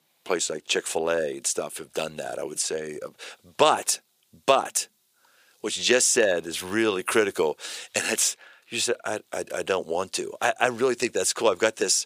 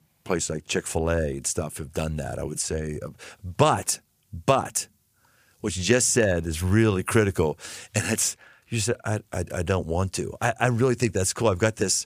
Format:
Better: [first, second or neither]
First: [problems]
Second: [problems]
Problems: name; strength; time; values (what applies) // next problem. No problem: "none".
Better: second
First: thin; somewhat; fading below 400 Hz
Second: none